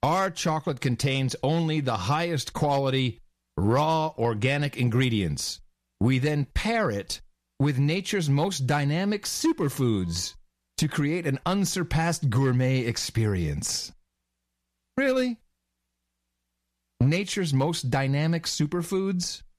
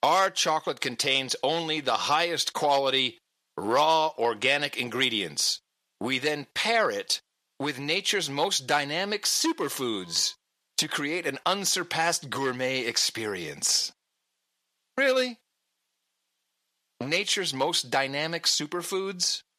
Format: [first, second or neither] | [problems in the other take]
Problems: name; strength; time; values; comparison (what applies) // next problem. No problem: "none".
first | thin; very; fading below 450 Hz